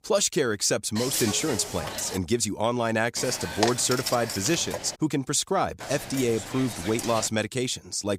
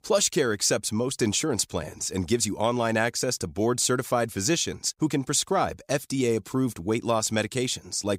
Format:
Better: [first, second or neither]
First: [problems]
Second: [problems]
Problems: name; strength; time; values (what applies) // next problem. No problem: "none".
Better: second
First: hiss; loud; from 1 to 2 s, from 3 to 5 s and from 6 to 7.5 s; 6 dB below the speech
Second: none